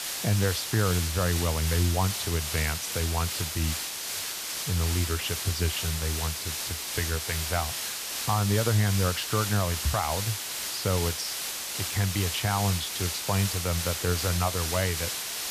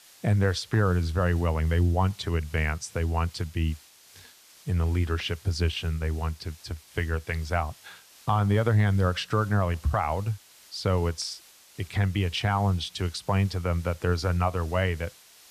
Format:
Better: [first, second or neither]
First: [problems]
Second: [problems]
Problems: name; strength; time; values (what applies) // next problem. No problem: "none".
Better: second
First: hiss; loud; throughout; 1 dB below the speech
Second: hiss; faint; throughout; 25 dB below the speech